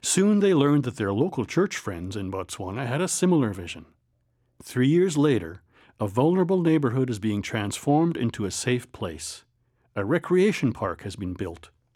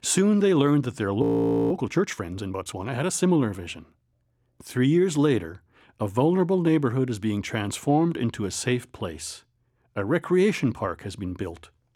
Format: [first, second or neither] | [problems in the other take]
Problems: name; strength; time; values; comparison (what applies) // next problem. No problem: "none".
first | audio freezing; at 1 s